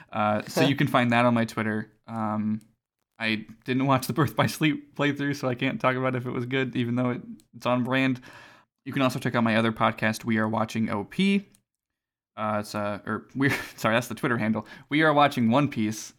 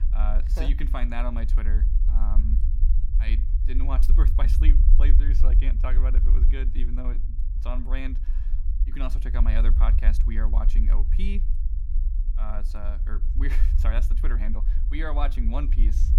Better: first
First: none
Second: low rumble; loud; throughout; 9 dB below the speech

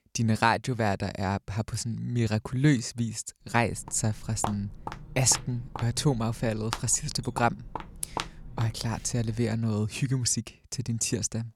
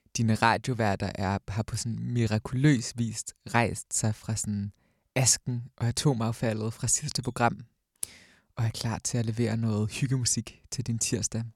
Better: second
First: footsteps; noticeable; from 3.5 to 9.5 s; peak 7 dB below the speech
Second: none

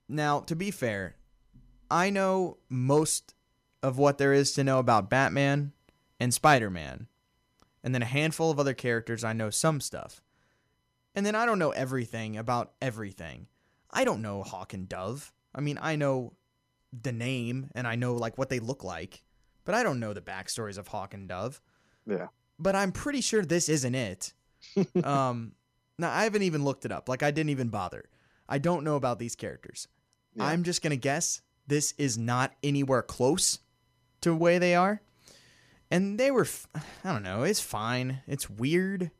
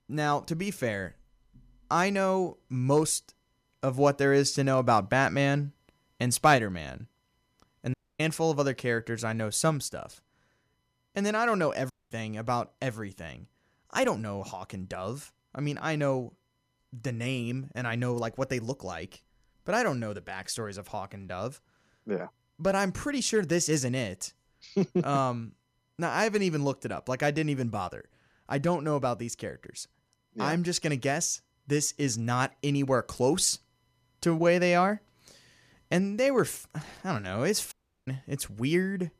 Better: first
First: none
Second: audio cutting out; at 8 s, at 12 s and at 38 s

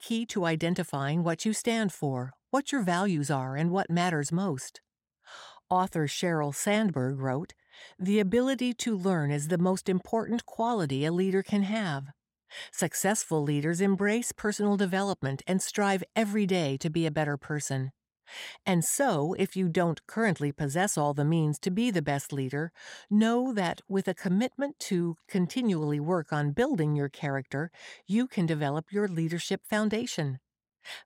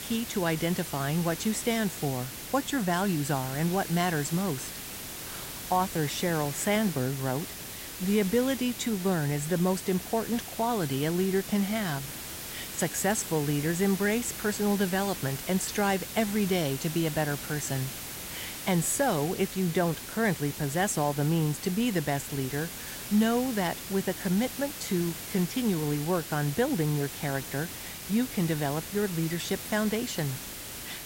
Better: first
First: none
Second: hiss; loud; throughout; 8 dB below the speech

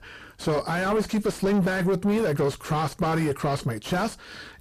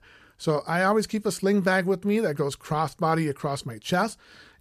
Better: second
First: distortion; heavy; 5 dB below the speech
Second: none

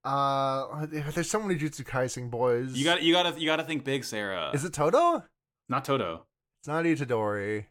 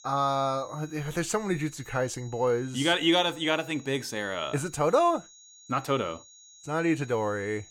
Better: first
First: none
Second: high-pitched whine; faint; throughout; 6.5 kHz, 20 dB below the speech

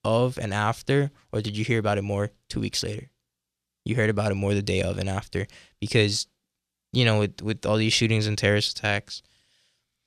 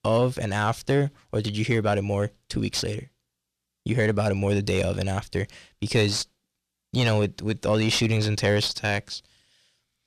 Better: first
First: none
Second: distortion; slight; 10 dB below the speech

